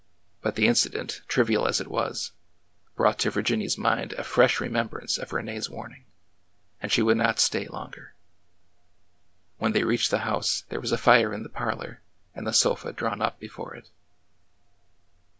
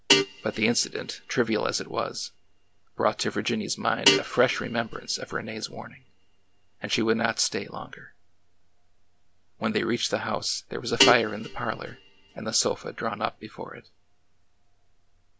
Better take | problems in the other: first | background sound (Guitar); 3 dB below the speech

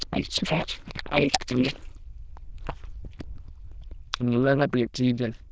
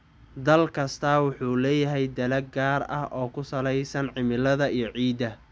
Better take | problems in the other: second | noise reduction (neural diffusion model UNIVERSE++)

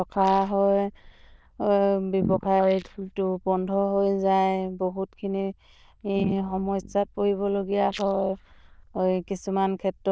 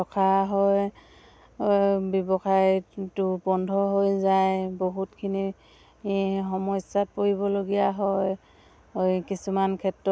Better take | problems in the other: second | noise reduction (neural diffusion model UNIVERSE++)

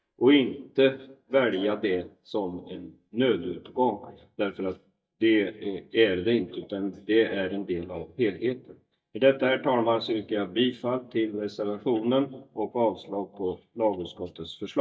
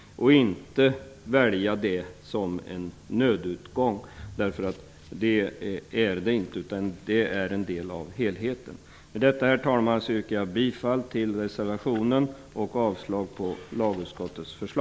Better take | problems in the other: second | noise reduction (neural mask model DeepFilterNet 3)

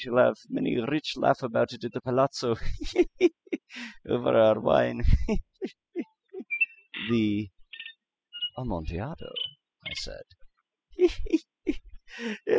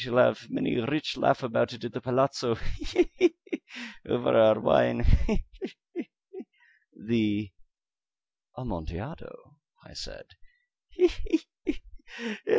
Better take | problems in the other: second | noise reduction (classical method spectral subtraction)

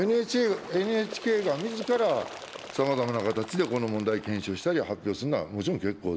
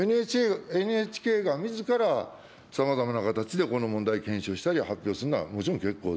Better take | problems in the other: second | background sound (Bird); 16 dB below the speech

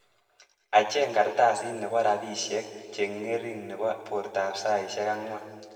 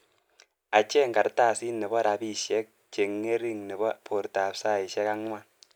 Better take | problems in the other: second | room echo; dies away in 1.8 s

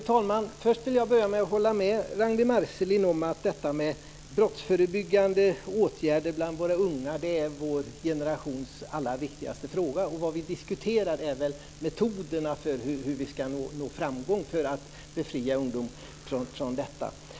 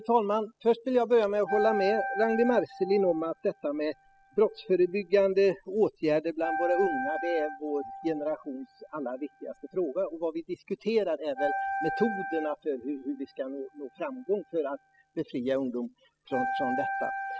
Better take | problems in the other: first | noise reduction (classical method spectral subtraction)

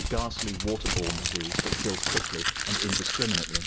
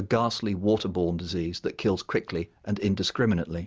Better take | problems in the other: second | background sound (Crumpling, crinkling); 4 dB above the speech

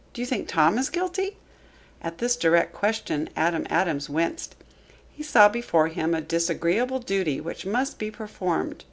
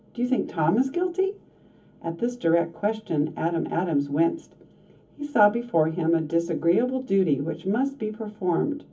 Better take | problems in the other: first | room echo; dies away in 0.3 s

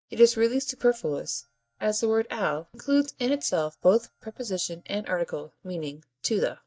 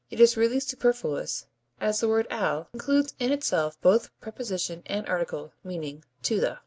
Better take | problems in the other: second | noise reduction (neural mask model DeepFilterNet 3)

